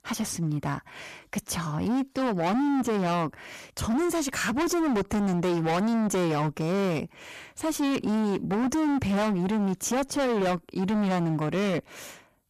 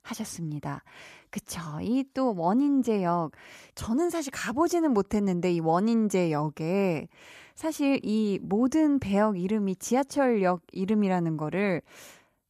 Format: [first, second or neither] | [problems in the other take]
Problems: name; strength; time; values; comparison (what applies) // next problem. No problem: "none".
second | distortion; heavy; 29% of the sound clipped